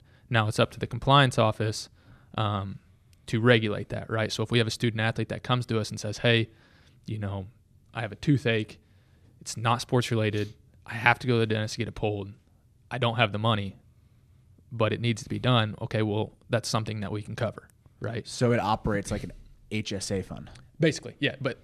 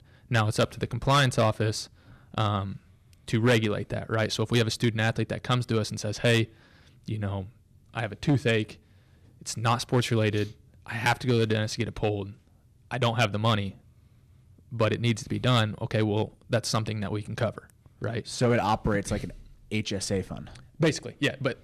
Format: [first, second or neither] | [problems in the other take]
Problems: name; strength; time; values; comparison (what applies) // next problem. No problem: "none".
first | distortion; slight; 2% of the sound clipped